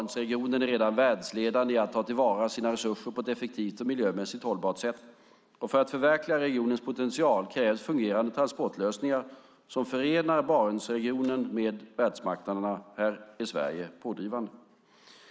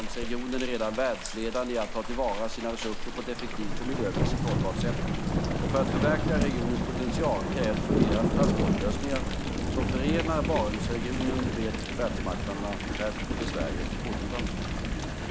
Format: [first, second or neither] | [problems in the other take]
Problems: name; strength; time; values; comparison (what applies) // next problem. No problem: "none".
first | background sound (Thunder / Rain); 3 dB above the speech